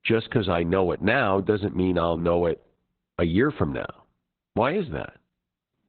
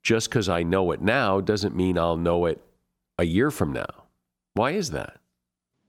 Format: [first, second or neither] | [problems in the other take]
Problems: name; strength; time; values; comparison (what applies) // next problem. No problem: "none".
second | garbled, watery; badly; nothing above 4 kHz